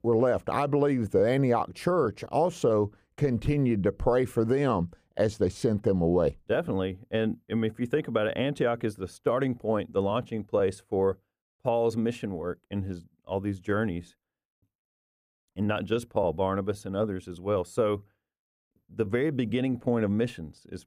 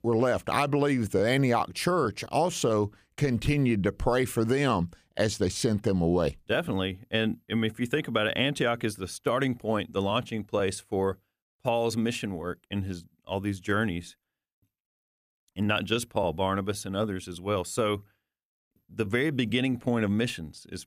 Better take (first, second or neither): second